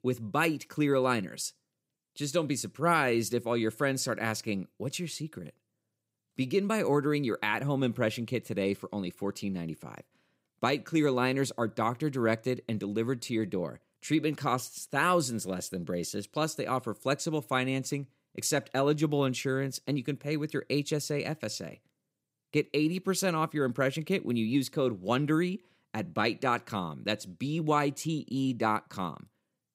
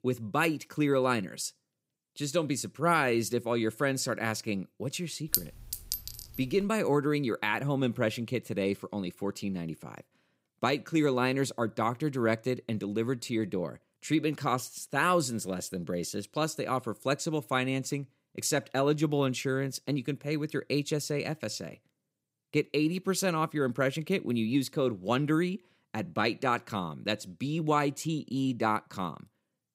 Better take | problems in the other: first | clattering dishes; loud; at 5.5 s; peak level with the speech

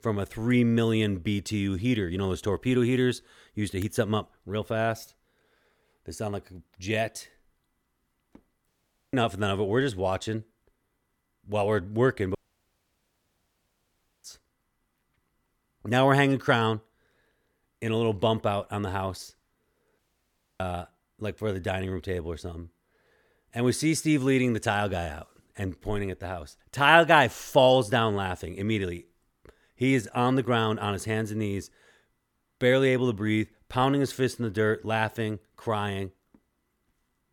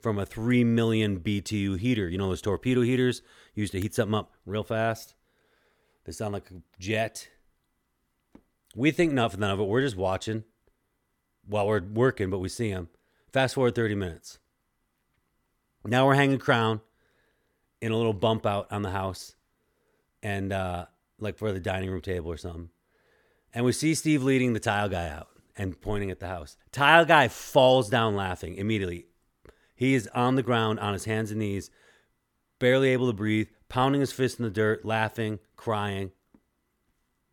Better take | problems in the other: second | audio cutting out; at 8.5 s, at 12 s for 2 s and at 20 s for 0.5 s

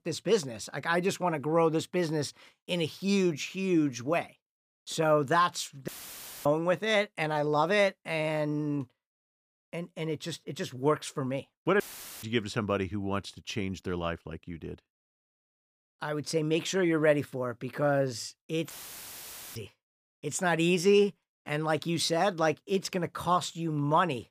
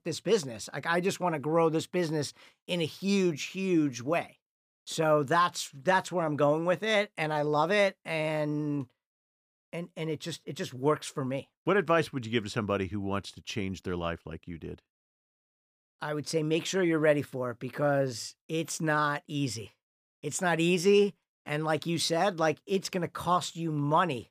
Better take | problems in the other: second | audio cutting out; filled with static; at 6 s for 0.5 s, at 12 s and at 19 s for 1 s

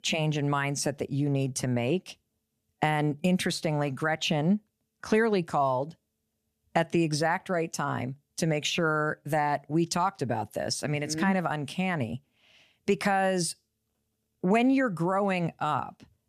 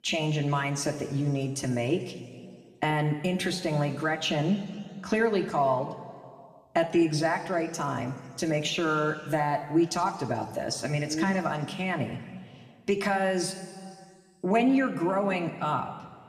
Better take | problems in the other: first | room echo; slight; dies away in 1.9 s

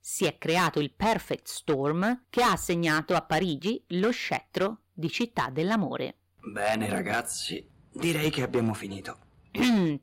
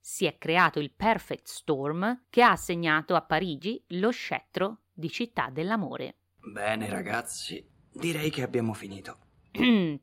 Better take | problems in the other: second | distortion; heavy; 7% of the sound clipped

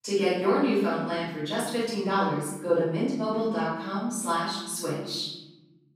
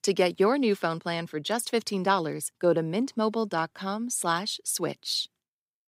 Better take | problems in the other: second | off-mic speech; far // room echo; strong; dies away in 1.1 s

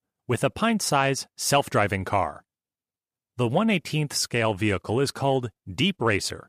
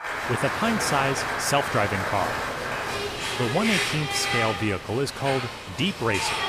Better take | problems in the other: first | crowd noise; loud; throughout; 1 dB below the speech

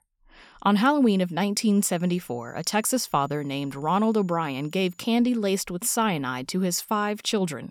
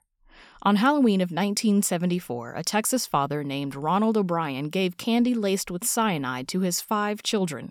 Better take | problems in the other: second | high-pitched whine; faint; from 1.5 to 5 s; 7 kHz, 35 dB below the speech

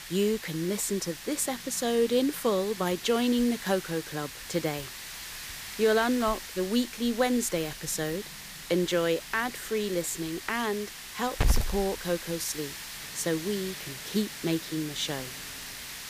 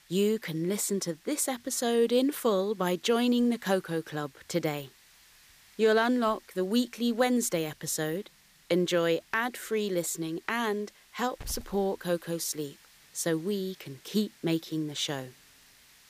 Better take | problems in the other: second | hiss; loud; throughout; 8 dB below the speech; faint in the second

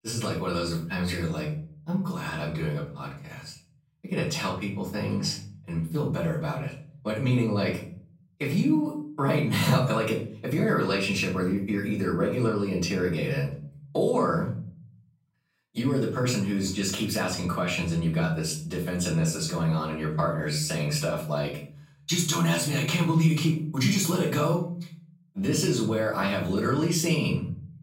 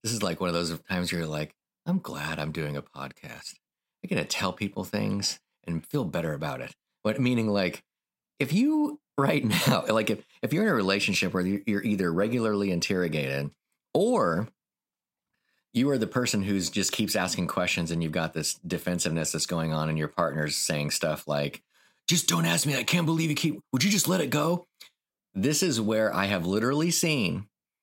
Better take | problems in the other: second | off-mic speech; far // room echo; slight; dies away in 0.6 s

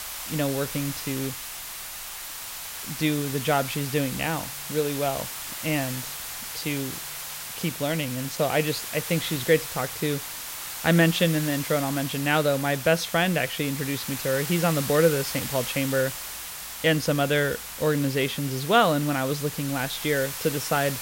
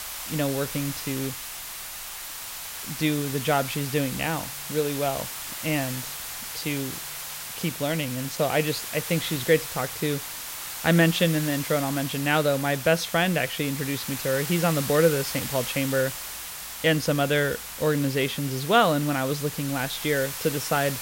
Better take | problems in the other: neither | hiss; loud; throughout; 7 dB below the speech; the same in both

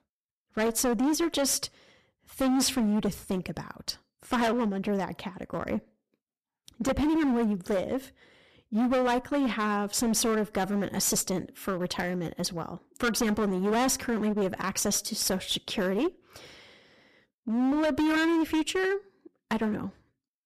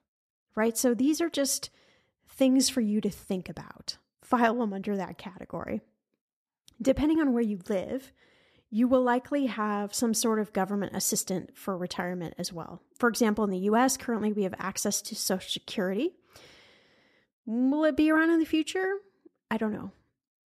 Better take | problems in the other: second | distortion; heavy; 15% of the sound clipped

